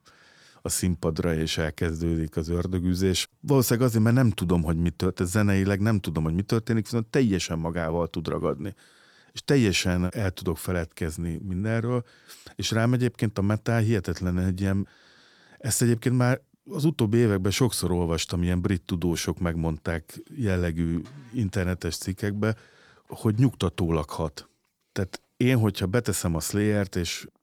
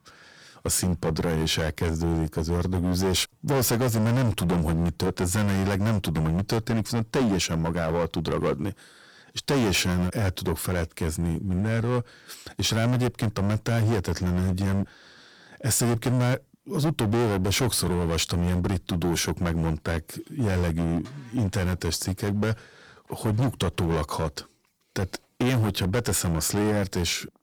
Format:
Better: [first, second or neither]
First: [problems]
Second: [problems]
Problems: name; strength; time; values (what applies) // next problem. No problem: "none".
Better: first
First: none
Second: distortion; heavy; 17% of the sound clipped